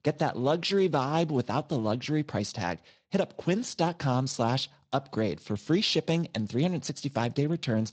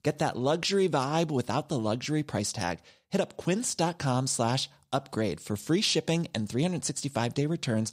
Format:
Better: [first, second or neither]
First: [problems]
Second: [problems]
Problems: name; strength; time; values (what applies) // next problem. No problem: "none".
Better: second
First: garbled, watery; slightly; nothing above 7.5 kHz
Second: none